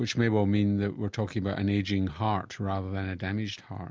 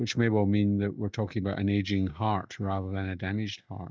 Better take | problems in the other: first | noise reduction (neural mask model DeepFilterNet 3)

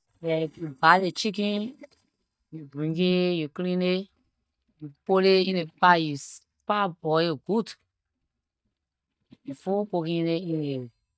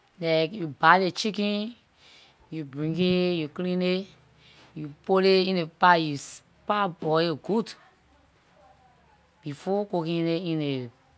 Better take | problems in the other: second | noise reduction (neural mask model DeepFilterNet 3)

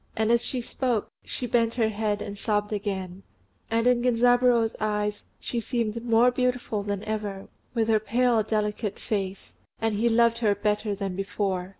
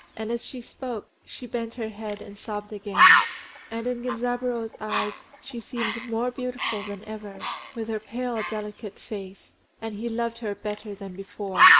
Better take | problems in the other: first | background sound (Bird); 3 dB above the speech

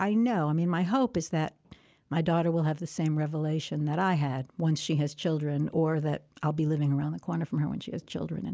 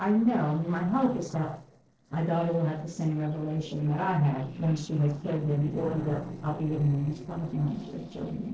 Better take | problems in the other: first | noise reduction (neural separator model SepFormer DNS4)

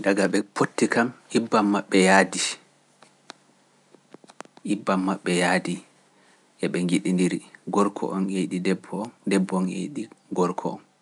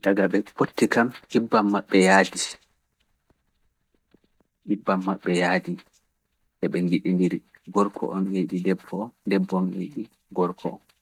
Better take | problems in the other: first | noise reduction (neural mask model DeepFilterNet 3)

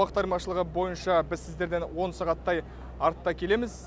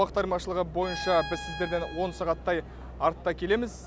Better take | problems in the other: first | background sound (Bowed string instrument); 12 dB below the speech

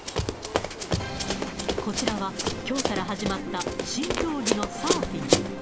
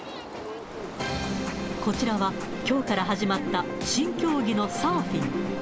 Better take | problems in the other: second | background sound (Run); 2 dB above the speech

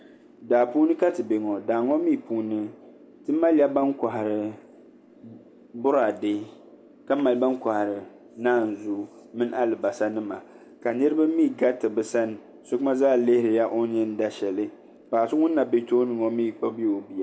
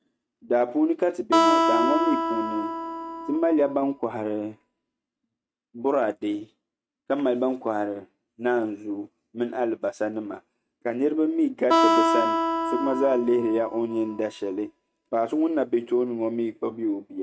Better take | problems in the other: first | noise reduction (neural mask model RNNoise)

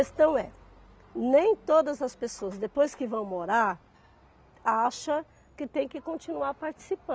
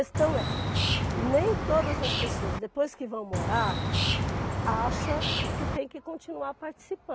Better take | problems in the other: first | background sound (Bird); 3 dB above the speech

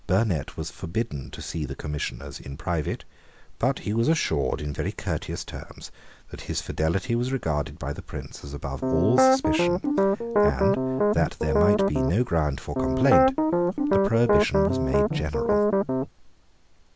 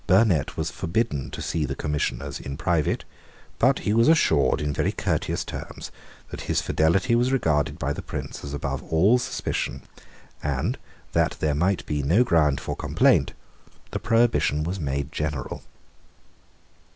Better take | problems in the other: second | background sound (Piano); 5 dB above the speech

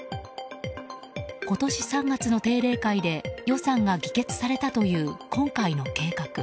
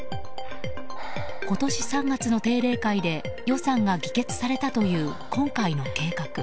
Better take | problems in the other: first | background sound (Breathing); 5 dB below the speech

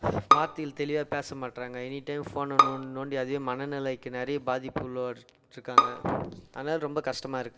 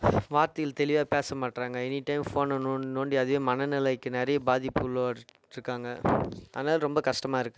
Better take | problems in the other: second | background sound (Bowed string instrument); 3 dB above the speech // room echo; dies away in 0.4 s

